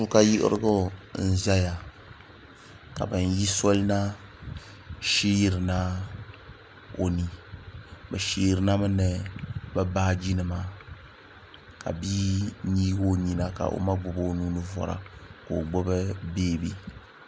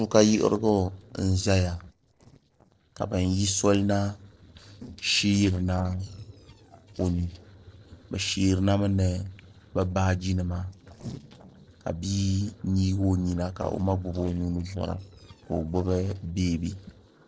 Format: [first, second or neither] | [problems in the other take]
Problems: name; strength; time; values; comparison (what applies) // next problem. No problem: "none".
first | noise reduction (neural separator model SepFormer DNS4)